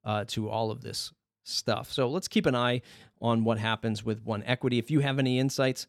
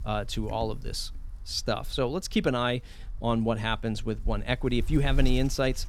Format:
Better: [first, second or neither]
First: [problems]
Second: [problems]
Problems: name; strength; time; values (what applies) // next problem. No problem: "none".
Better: first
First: none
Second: wind noise on the microphone; occasional gusts; 25 dB below the speech